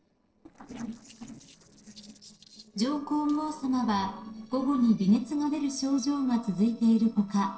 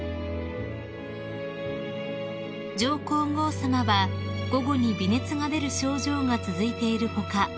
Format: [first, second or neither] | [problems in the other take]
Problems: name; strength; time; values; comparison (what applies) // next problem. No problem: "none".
second | noise reduction (neural separator model SepFormer DNS4)